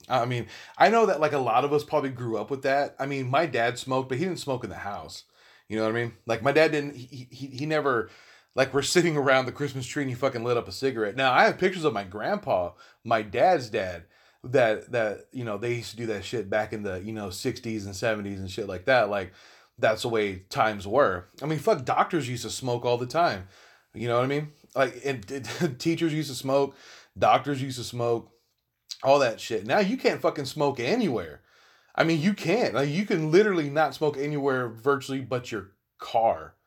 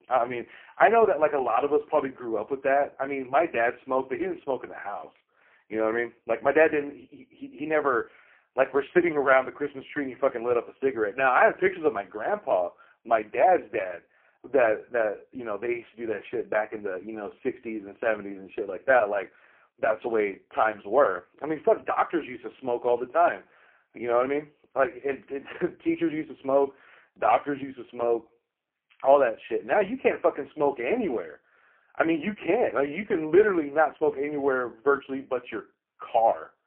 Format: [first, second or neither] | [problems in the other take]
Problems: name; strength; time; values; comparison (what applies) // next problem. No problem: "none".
first | phone-call audio; poor line